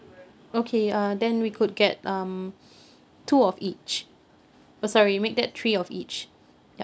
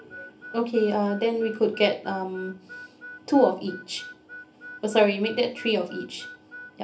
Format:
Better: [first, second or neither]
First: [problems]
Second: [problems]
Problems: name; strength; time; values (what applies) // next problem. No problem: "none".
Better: first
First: none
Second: background sound (Harmonica); 17 dB below the speech // room echo; dies away in 0.3 s